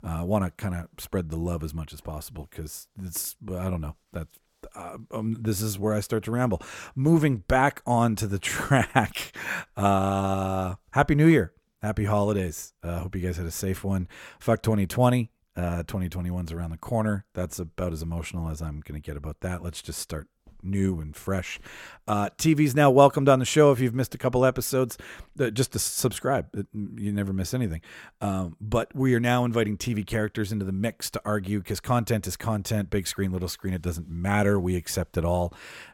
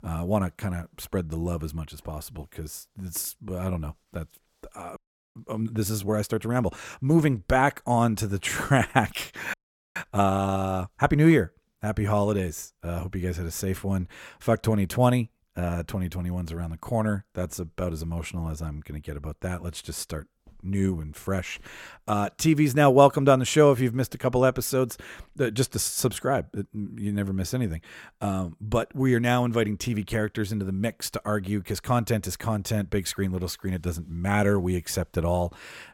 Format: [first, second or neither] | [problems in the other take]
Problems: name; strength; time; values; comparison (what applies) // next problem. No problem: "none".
first | audio freezing; at 5 s and at 9.5 s